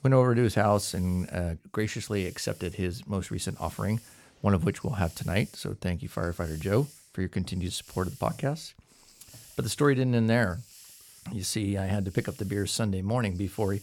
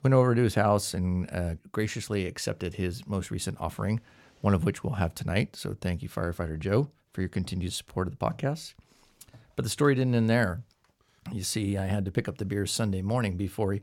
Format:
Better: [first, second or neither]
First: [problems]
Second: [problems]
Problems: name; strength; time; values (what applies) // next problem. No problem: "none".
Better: second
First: hiss; faint; throughout; 20 dB below the speech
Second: none